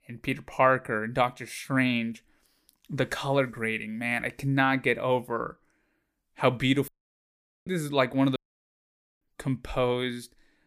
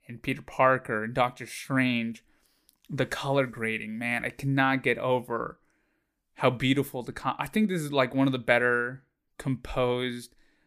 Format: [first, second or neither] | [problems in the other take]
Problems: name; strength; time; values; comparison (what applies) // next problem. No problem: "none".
second | audio cutting out; at 7 s for 1 s and at 8.5 s for 1 s